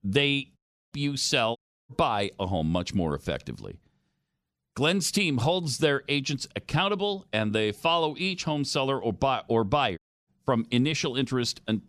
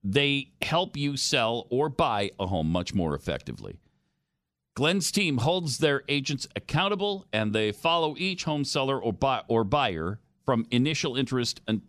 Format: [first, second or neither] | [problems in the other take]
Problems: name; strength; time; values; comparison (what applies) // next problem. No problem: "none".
second | audio cutting out; at 0.5 s, at 1.5 s and at 10 s